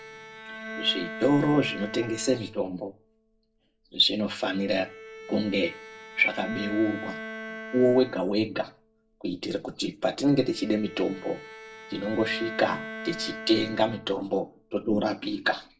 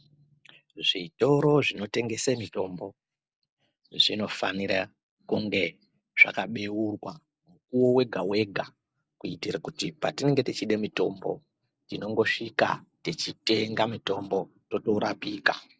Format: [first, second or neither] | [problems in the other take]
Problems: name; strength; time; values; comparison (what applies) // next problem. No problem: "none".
second | background sound (Bowed string instrument); 13 dB below the speech // room echo; dies away in 0.2 s